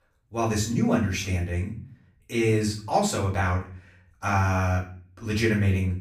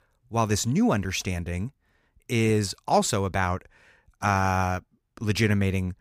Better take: second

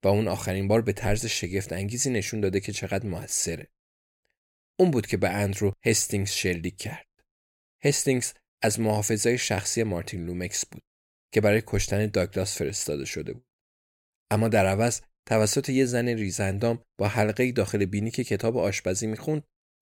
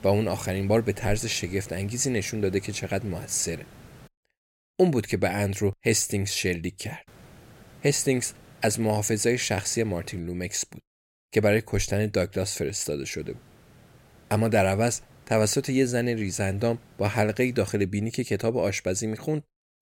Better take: first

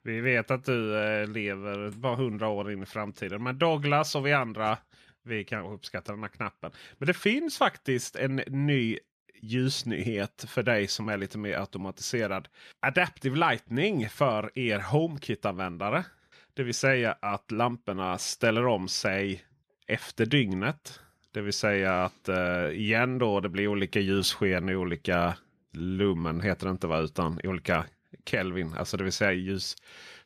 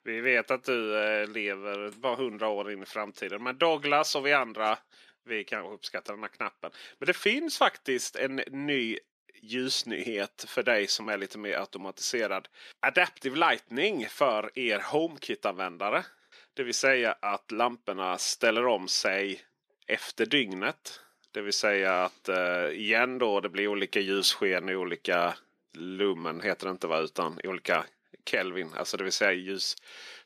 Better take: first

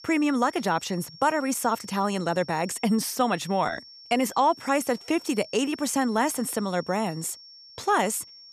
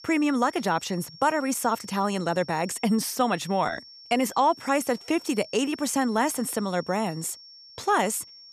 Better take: neither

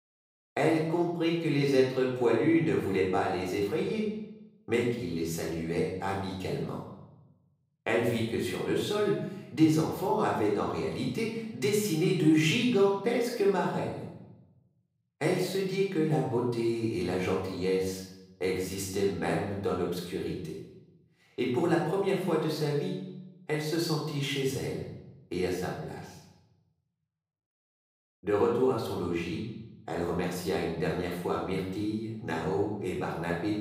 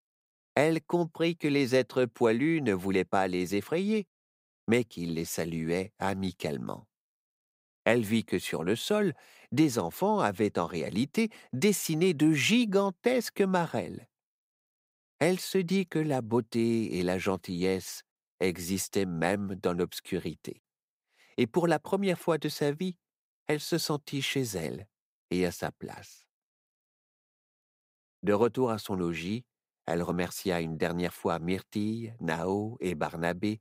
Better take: second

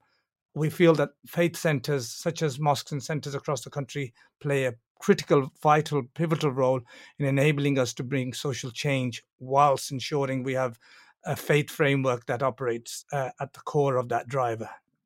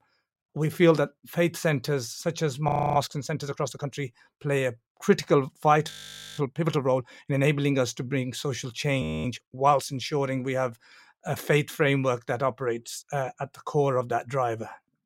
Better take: first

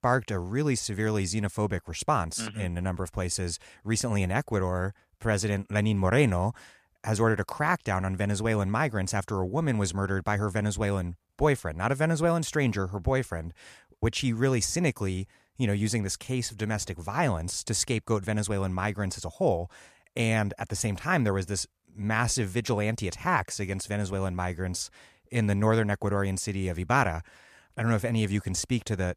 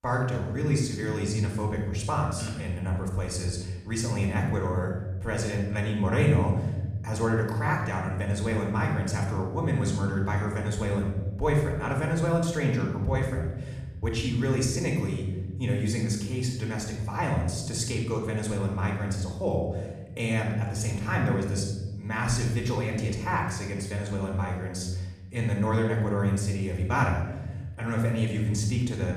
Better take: first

